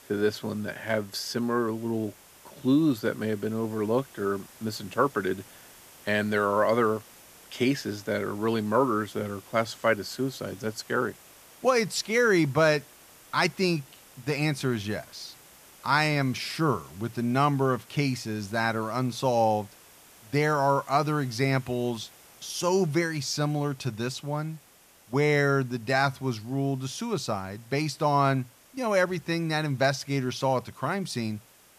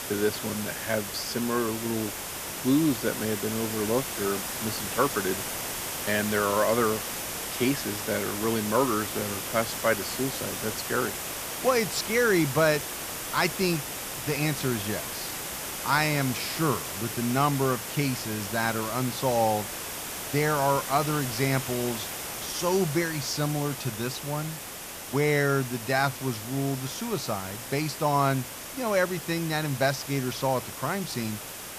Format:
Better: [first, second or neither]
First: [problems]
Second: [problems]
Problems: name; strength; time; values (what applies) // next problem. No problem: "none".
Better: first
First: hiss; faint; throughout; 25 dB below the speech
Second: hiss; loud; throughout; 5 dB below the speech